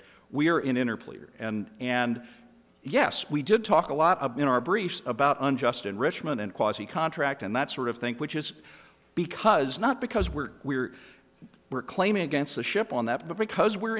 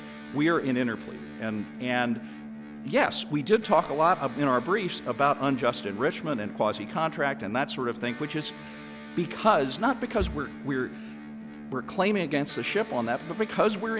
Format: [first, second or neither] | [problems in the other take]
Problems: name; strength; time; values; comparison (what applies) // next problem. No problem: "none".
first | background sound (Electric guitar); 13 dB below the speech